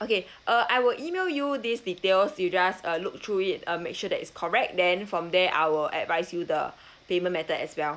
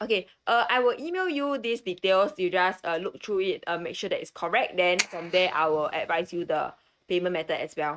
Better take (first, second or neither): first